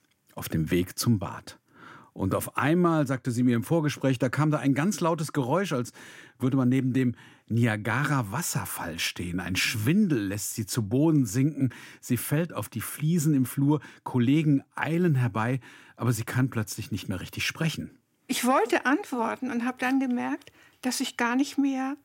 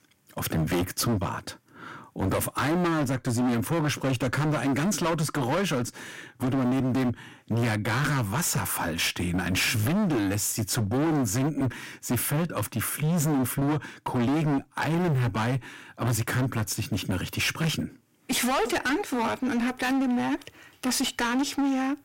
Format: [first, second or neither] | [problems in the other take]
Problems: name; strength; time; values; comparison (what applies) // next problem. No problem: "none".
first | distortion; heavy; 25% of the sound clipped